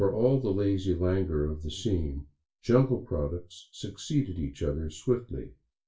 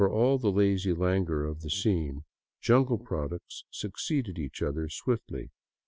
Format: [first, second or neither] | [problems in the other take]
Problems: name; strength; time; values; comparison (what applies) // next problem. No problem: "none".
second | room echo; dies away in 0.2 s